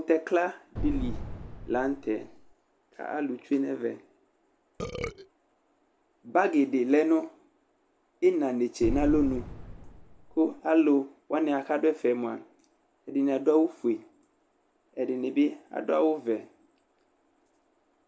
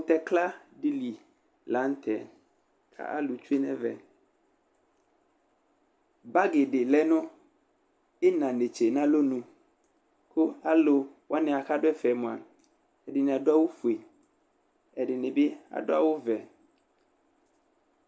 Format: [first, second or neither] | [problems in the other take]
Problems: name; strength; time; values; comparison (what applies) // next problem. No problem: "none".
second | background sound (Burping, eructation + Boom); 6 dB below the speech